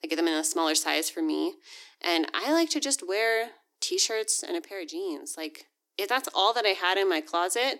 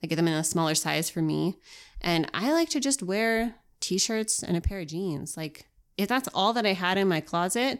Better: second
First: thin; somewhat; fading below 300 Hz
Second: none

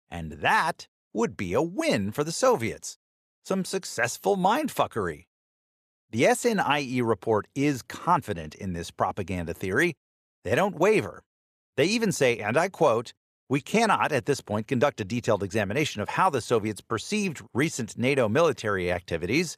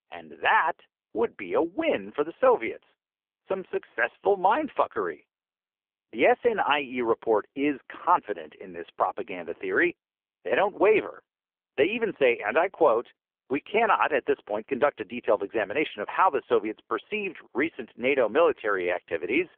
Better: first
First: none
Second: phone-call audio; poor line

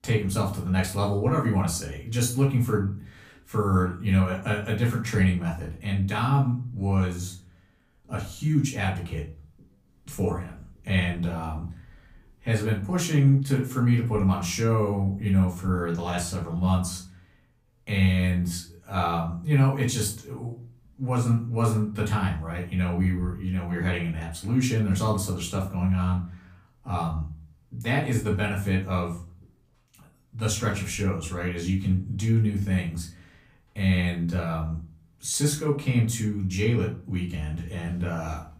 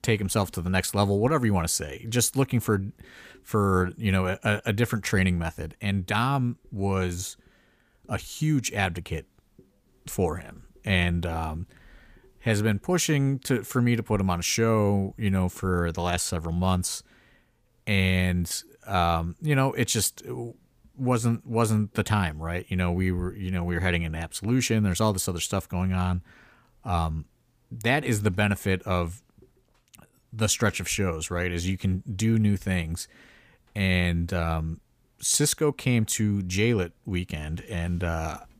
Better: second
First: off-mic speech; far // room echo; slight; dies away in 0.3 s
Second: none

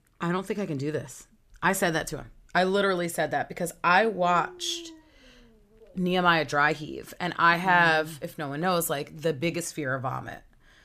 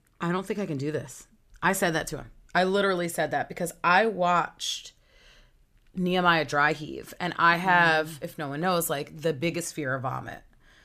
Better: second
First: dog barking; faint; from 4 to 6 s; peak 20 dB below the speech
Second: none

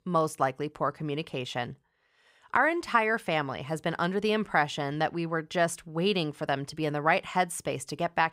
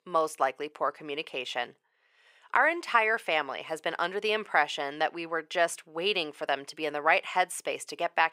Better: first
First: none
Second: thin; somewhat; fading below 500 Hz

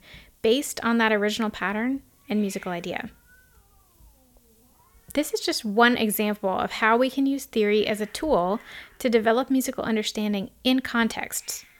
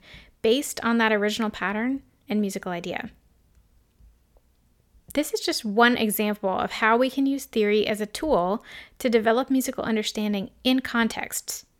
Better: second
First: hiss; faint; throughout; 30 dB below the speech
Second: none

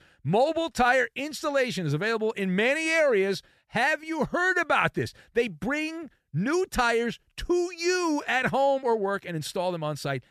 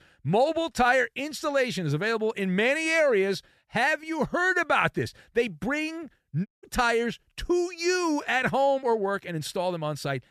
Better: first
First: none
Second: audio cutting out; at 6.5 s

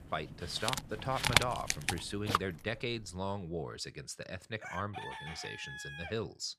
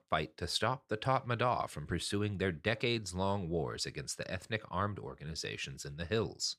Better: second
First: animal sounds; very loud; throughout; 3 dB above the speech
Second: none

